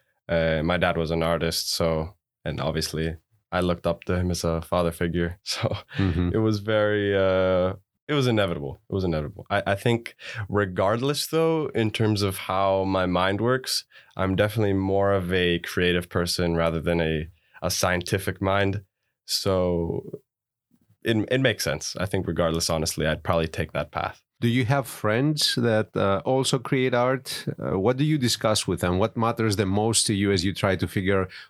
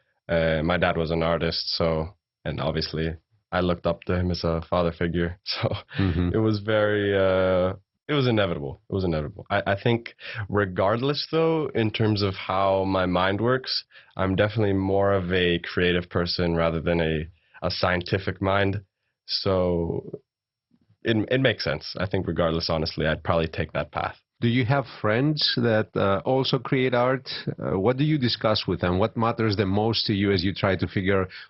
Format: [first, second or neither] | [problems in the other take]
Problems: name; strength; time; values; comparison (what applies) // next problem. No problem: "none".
first | garbled, watery; badly; nothing above 5.5 kHz